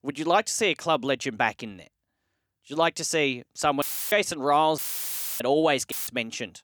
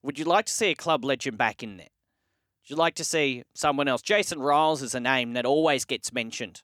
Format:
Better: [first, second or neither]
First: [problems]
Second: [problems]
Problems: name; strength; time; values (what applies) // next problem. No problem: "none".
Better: second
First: audio cutting out; filled with static; at 4 s, at 5 s for 0.5 s and at 6 s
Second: none